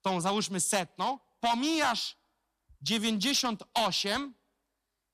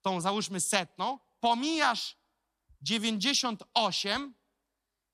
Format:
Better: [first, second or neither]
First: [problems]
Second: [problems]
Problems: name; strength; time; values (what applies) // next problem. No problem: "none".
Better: second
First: distortion; slight; 4% of the sound clipped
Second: none